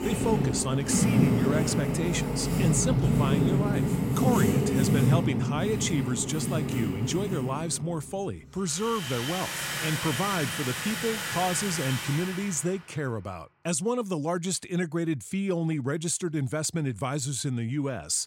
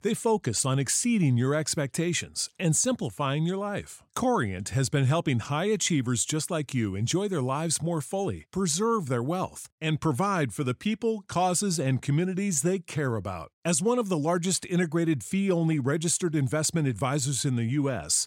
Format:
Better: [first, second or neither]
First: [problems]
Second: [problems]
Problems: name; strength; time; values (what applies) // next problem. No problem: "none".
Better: second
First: household noises; very loud; until 12 s; 2 dB above the speech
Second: none